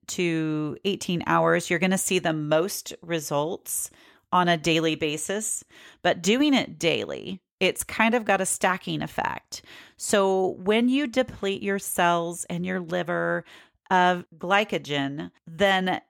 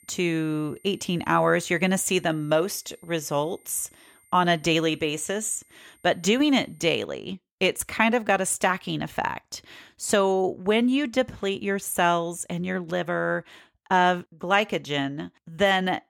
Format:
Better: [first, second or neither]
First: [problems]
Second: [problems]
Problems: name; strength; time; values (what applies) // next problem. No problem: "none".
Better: first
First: none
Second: high-pitched whine; faint; until 7 s; 9 kHz, 30 dB below the speech